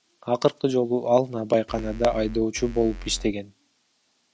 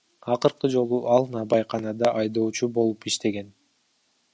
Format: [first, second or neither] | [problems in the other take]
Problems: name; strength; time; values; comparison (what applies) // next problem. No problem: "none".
second | background sound (Bass drum / Keyboard (musical)); 12 dB below the speech